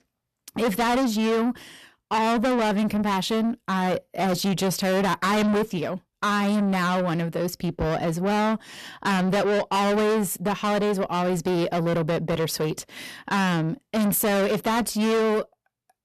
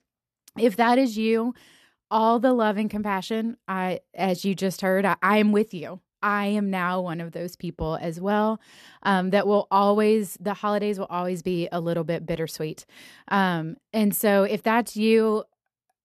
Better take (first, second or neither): second